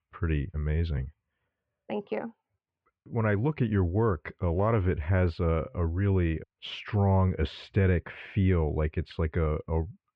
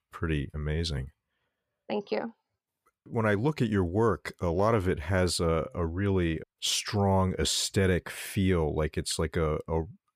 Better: second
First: muffled; very; fading above 2.5 kHz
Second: none

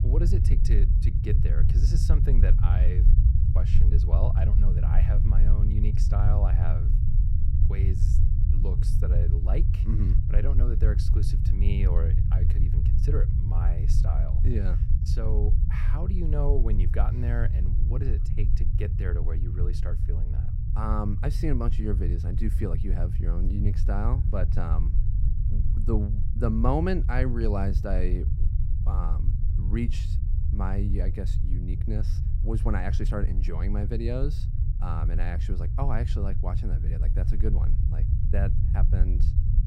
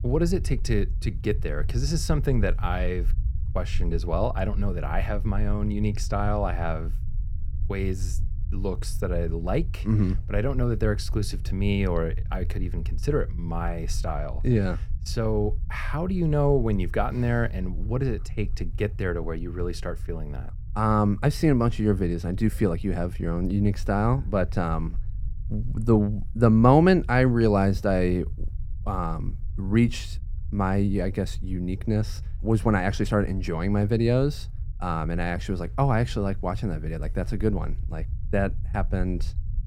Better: second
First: low rumble; loud; throughout; 5 dB below the speech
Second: low rumble; faint; throughout; 25 dB below the speech

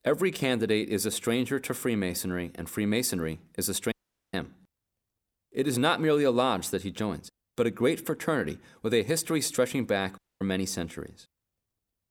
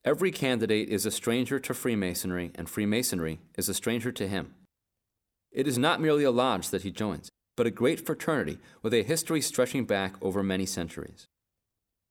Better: second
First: audio cutting out; at 4 s and at 10 s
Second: none

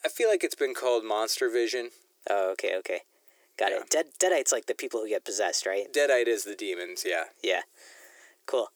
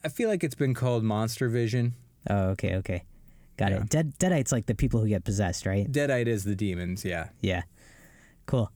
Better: second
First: thin; very; fading below 350 Hz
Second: none

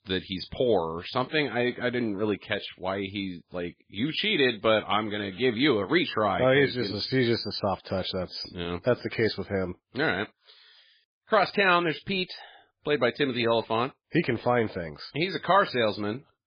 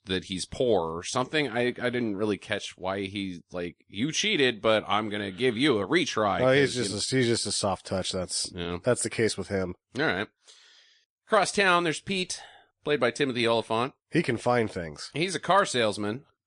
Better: second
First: garbled, watery; badly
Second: garbled, watery; slightly; nothing above 9 kHz

